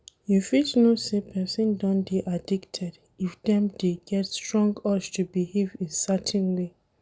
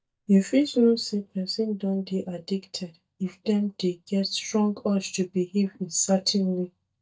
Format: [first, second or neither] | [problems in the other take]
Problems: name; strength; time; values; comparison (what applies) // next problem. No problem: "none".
first | noise reduction (neural mask model DeepFilterNet 3)